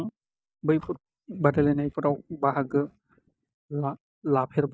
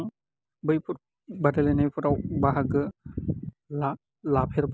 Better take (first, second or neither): second